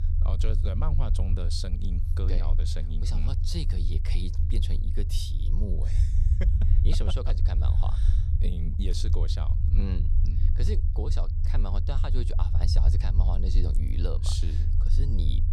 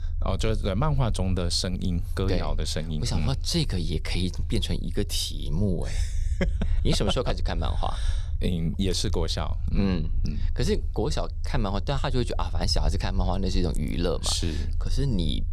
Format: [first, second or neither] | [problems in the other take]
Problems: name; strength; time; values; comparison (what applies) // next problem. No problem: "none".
second | low rumble; loud; throughout; 5 dB below the speech; faint in the second